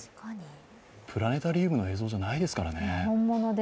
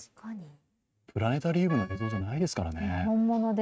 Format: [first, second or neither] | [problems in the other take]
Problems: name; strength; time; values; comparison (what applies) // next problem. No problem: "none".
first | noise reduction (neural mask model RNNoise)